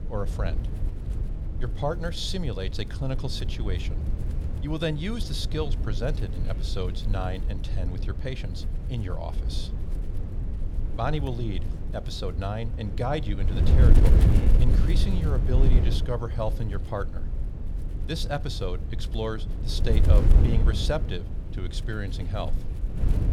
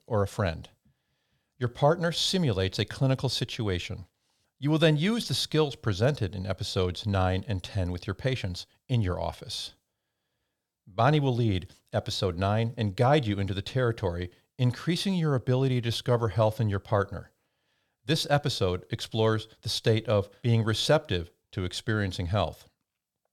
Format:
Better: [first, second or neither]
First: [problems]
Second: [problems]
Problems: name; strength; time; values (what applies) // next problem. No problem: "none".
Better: second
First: wind noise on the microphone; heavy; 7 dB below the speech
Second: none